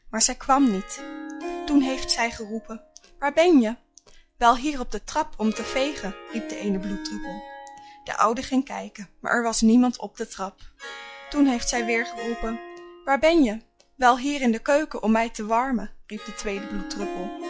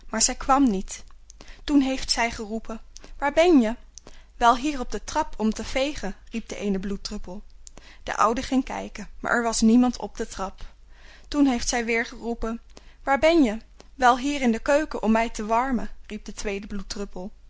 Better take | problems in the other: second | noise reduction (classical method log-MMSE)

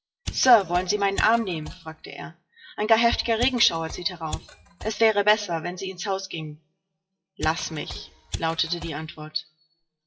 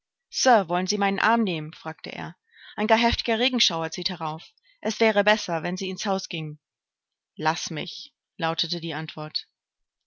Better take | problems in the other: second | noise reduction (classical method WPE with log-MMSE)

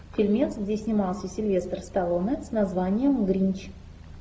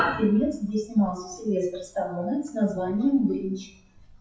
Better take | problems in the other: first | noise reduction (classical method WPE with log-MMSE)

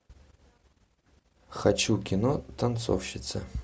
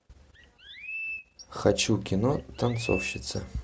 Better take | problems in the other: first | background sound (Chirp, tweet); 10 dB below the speech

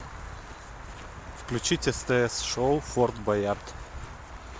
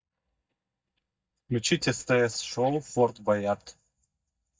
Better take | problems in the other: first | noise reduction (neural mask model DeepFilterNet 3)

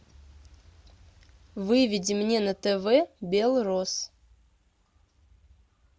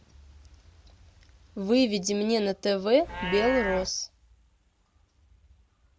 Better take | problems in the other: first | background sound (Livestock, farm animals, working animals); 12 dB below the speech

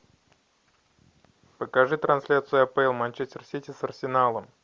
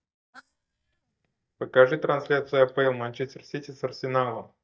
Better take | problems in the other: first | noise reduction (neural mask model DeepFilterNet 3)

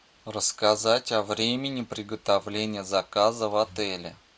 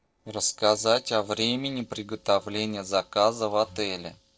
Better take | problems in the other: first | noise reduction (neural separator model SepFormer DNS4)

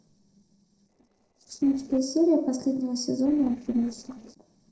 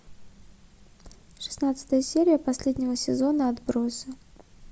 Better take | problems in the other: second | noise reduction (neural separator model SepFormer DNS4)

